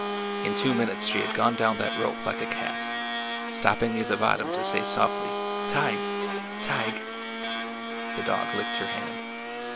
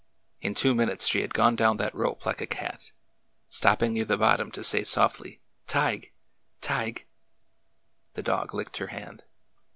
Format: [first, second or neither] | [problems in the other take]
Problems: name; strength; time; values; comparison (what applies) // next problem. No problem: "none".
second | background sound (Domestic sounds, home sounds); 2 dB below the speech